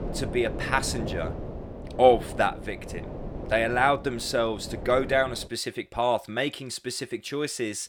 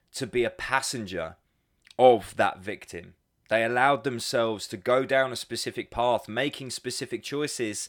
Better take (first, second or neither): second